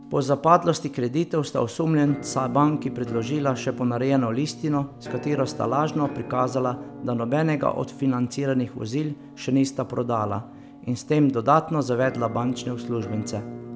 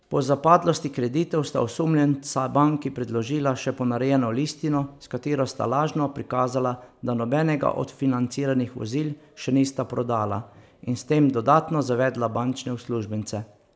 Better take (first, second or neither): second